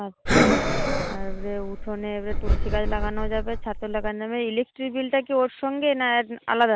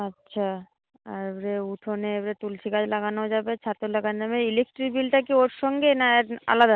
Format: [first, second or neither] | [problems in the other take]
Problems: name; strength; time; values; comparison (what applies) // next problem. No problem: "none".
second | background sound (Breathing); 3 dB above the speech